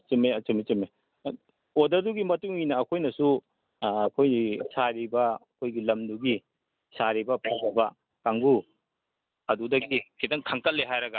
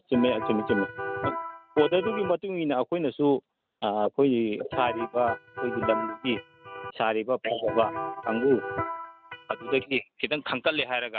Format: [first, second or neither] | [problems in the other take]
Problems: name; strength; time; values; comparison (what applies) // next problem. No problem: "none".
first | noise reduction (neural mask model RNNoise)